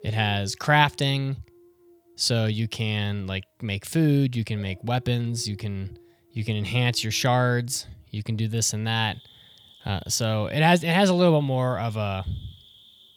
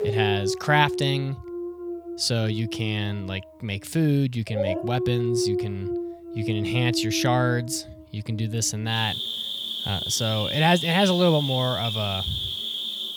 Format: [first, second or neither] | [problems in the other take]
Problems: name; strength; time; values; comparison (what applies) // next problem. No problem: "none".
first | animal sounds; loud; throughout; 4 dB below the speech; faint in the first